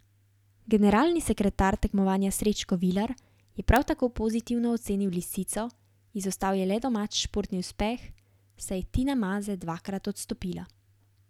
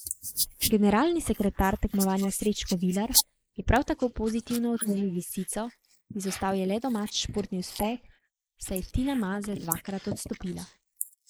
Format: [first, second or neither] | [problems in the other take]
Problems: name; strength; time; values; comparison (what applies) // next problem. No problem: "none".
first | noise reduction (neural mask model Resemble Enhance denoiser)